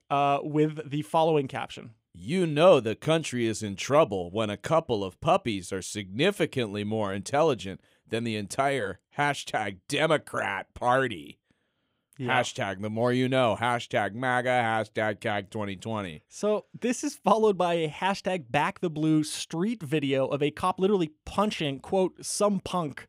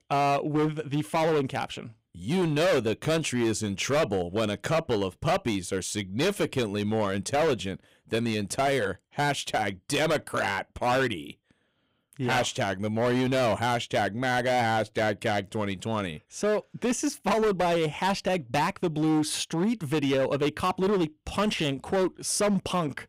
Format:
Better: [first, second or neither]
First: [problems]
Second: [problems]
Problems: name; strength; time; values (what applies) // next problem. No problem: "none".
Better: first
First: none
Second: distortion; heavy; 14% of the sound clipped